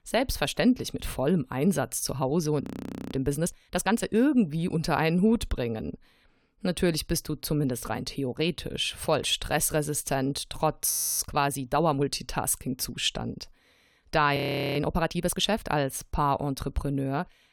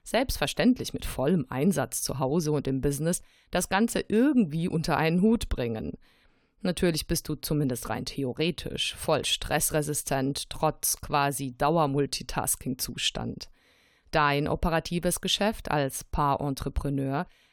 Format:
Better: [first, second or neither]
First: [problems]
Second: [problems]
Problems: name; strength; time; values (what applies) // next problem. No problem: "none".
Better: second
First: audio freezing; at 2.5 s, at 11 s and at 14 s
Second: none